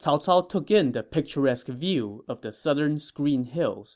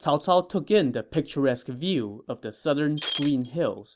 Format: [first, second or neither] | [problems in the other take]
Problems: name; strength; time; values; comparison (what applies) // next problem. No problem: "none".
first | background sound (Shatter); 10 dB below the speech